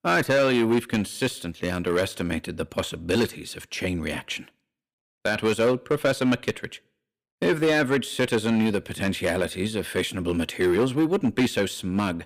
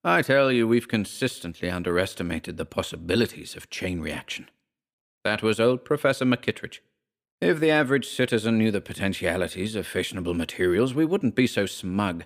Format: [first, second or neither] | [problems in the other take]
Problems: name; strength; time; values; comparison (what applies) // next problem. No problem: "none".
second | distortion; slight; 5% of the sound clipped